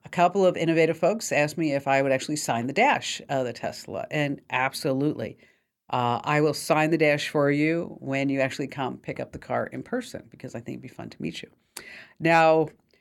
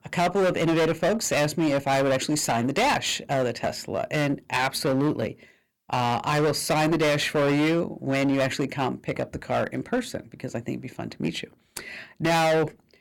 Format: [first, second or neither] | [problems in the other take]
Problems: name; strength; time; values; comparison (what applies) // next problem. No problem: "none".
first | distortion; heavy; 18% of the sound clipped